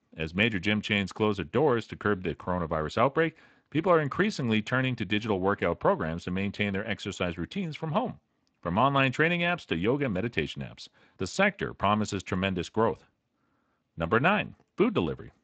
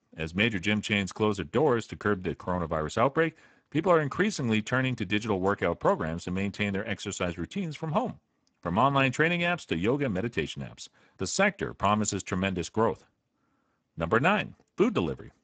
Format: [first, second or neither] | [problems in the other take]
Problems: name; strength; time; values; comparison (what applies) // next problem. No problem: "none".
first | garbled, watery; badly; nothing above 7.5 kHz; slightly in the first